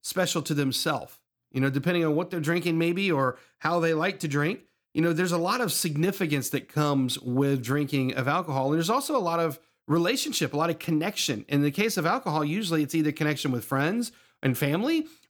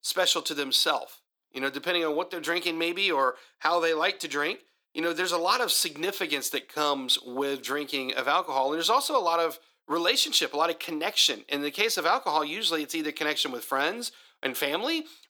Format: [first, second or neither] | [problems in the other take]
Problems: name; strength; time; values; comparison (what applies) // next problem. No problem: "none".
first | thin; somewhat; fading below 400 Hz